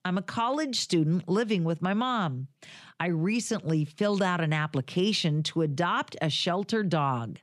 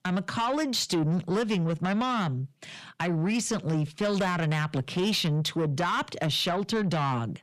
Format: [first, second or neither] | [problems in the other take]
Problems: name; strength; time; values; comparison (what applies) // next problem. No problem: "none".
first | distortion; slight; 10 dB below the speech